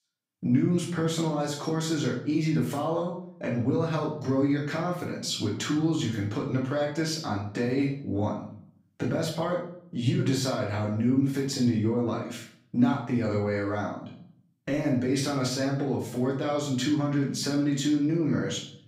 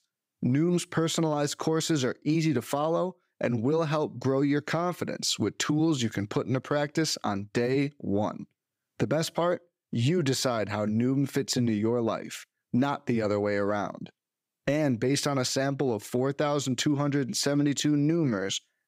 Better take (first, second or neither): second